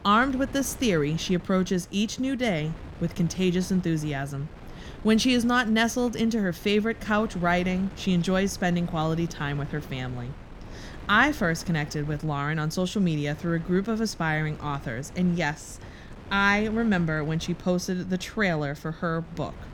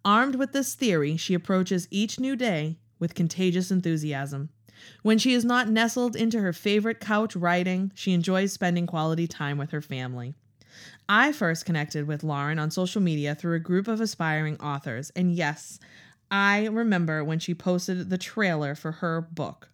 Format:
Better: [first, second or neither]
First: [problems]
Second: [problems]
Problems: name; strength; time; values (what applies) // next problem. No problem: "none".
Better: second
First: wind noise on the microphone; occasional gusts; 20 dB below the speech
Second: none